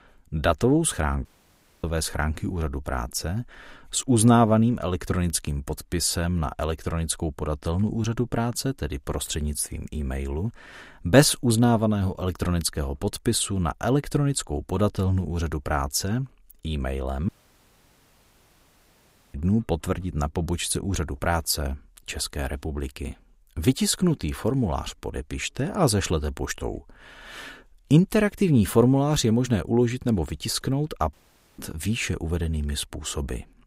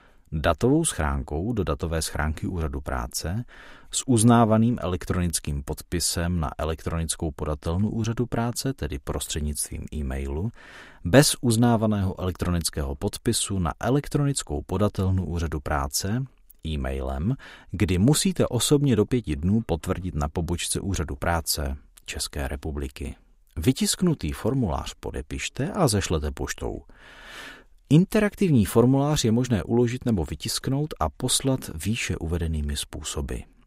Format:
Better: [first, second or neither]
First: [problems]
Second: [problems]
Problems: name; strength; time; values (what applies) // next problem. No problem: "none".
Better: second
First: audio cutting out; at 1.5 s for 0.5 s, at 17 s for 2 s and at 31 s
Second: none